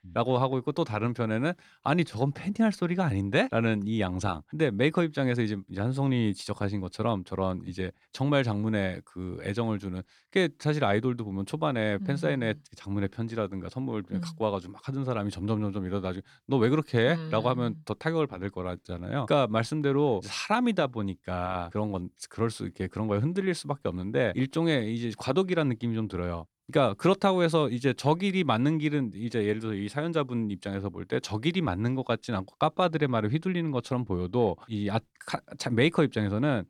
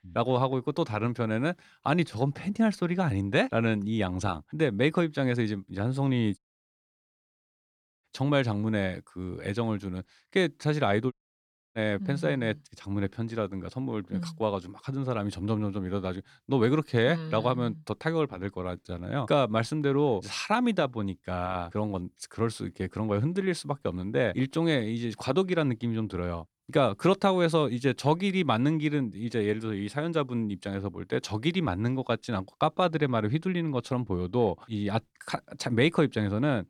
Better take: first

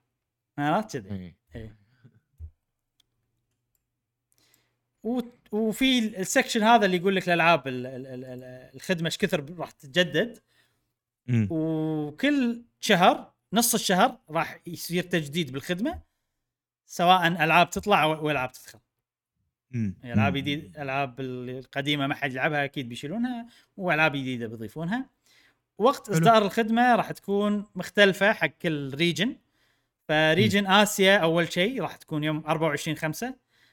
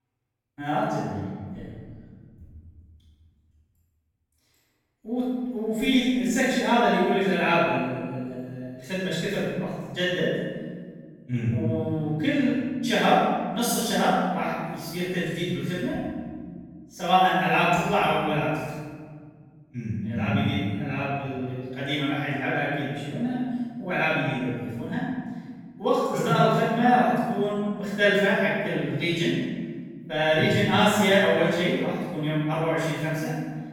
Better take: first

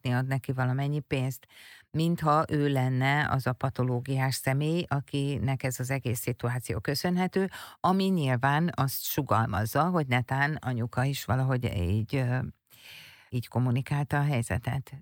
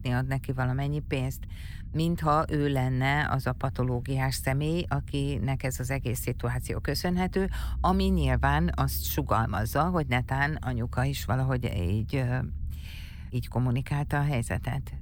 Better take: first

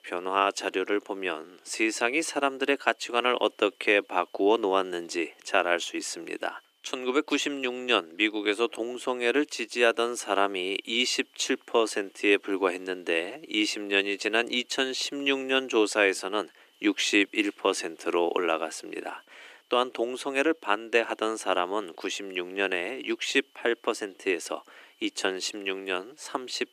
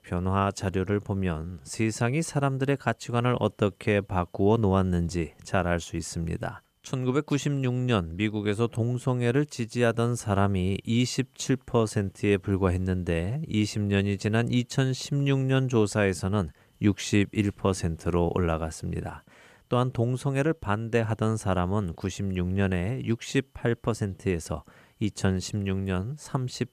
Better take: second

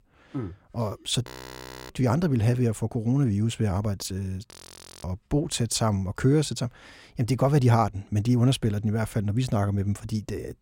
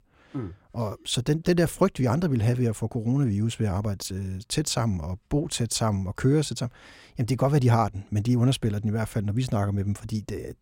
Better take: second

